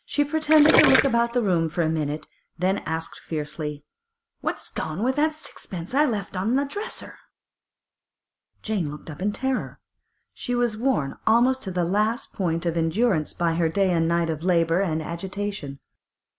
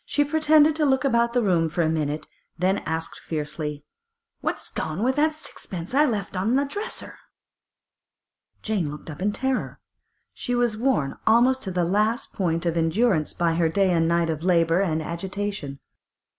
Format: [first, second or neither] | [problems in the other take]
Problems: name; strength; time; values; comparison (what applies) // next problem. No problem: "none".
second | background sound (Gurgling); 4 dB below the speech